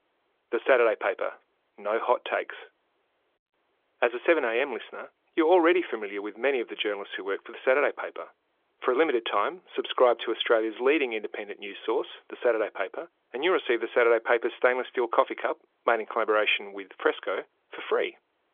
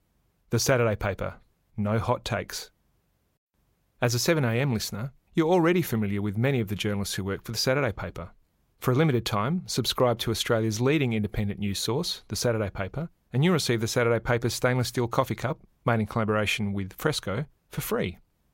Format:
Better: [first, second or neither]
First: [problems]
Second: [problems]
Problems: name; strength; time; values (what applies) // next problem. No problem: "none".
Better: second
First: phone-call audio; nothing above 3.5 kHz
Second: none